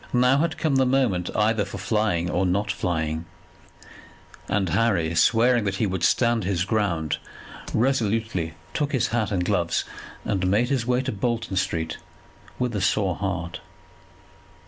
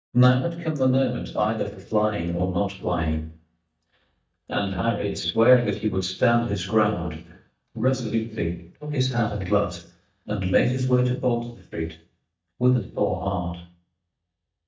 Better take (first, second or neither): first